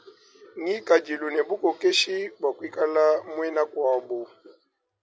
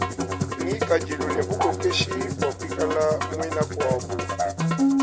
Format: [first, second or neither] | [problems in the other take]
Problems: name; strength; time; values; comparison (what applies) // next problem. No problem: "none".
first | background sound (Musical instrument); 2 dB above the speech